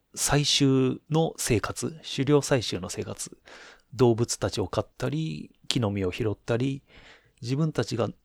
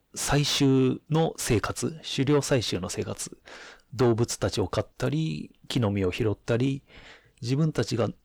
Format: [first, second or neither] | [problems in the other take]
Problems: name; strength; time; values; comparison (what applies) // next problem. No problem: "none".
first | distortion; slight; 10 dB below the speech